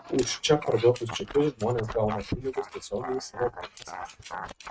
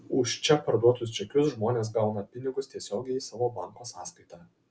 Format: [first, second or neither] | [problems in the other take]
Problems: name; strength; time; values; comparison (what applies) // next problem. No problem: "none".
second | noise reduction (neural mask model RNNoise)